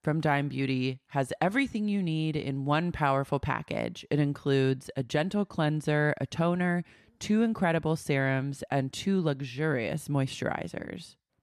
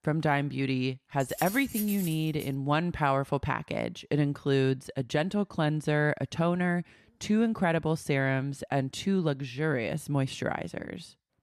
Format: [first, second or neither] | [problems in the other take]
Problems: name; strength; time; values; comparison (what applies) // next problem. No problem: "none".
first | jangling keys; noticeable; from 1 to 2.5 s; peak 7 dB below the speech